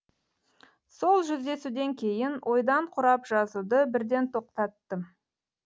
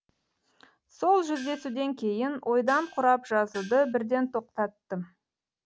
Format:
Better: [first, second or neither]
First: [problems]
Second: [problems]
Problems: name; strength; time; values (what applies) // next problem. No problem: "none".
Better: first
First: none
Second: background sound (Gong); 17 dB below the speech